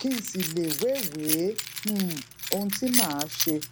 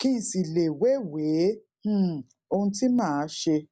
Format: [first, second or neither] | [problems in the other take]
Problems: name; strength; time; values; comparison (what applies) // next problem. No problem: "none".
second | background sound (Keys jangling); 2 dB below the speech